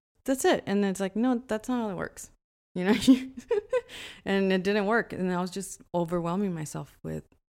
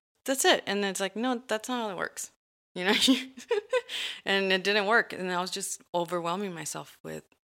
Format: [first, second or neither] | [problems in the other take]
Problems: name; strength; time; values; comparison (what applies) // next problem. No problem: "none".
first | thin; somewhat; fading below 800 Hz